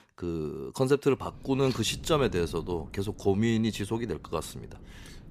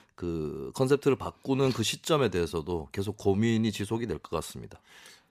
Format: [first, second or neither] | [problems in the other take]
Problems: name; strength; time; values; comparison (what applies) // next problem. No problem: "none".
second | wind noise on the microphone; occasional gusts; from 1 s on; 25 dB below the speech